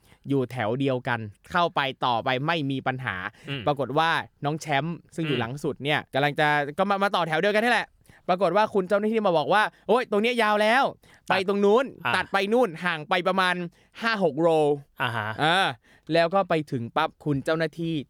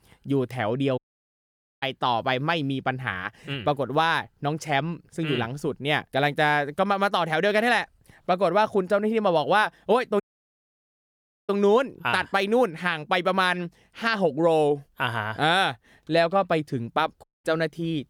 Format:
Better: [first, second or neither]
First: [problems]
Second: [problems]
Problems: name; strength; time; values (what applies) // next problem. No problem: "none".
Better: first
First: none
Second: audio cutting out; at 1 s for 1 s, at 10 s for 1.5 s and at 17 s